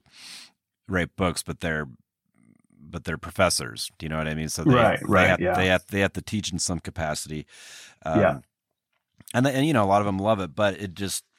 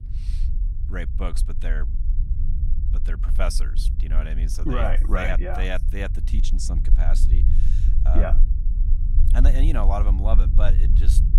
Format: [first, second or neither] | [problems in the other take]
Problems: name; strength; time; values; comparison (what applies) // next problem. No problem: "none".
first | low rumble; noticeable; throughout; 10 dB below the speech